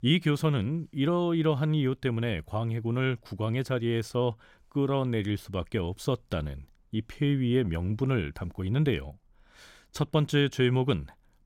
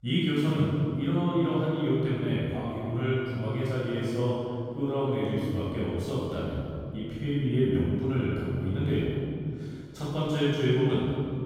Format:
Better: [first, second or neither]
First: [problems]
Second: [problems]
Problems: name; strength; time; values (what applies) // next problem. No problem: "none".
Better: first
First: none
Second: off-mic speech; far // room echo; strong; dies away in 2.3 s